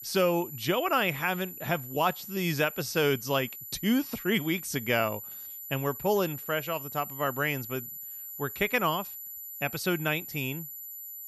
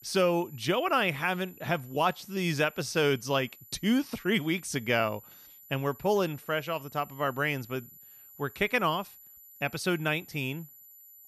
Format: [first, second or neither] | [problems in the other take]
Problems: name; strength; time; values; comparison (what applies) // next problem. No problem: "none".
second | high-pitched whine; loud; throughout; 12 kHz, 9 dB below the speech; faint in the second